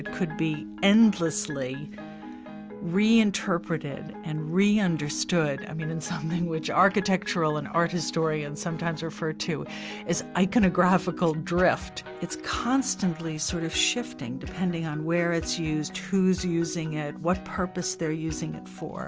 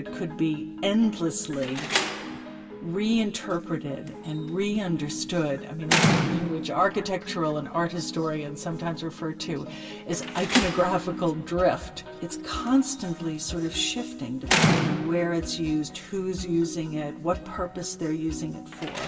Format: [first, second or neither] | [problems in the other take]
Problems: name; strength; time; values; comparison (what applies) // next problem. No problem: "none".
first | background sound (Slam); 5 dB below the speech // room echo; dies away in 2 s